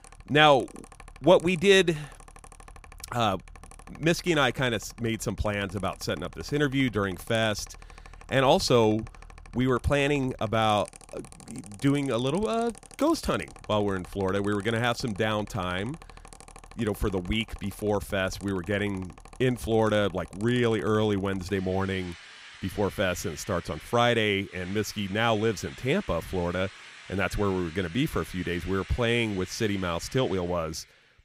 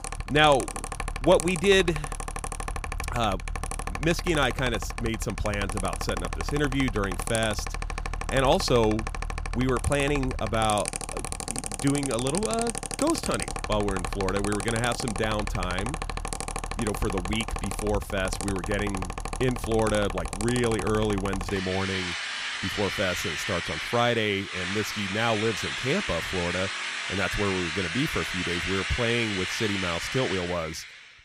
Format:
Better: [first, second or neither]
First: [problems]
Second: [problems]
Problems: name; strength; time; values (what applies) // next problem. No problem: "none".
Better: first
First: machinery noise; faint; throughout; 20 dB below the speech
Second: machinery noise; loud; throughout; 4 dB below the speech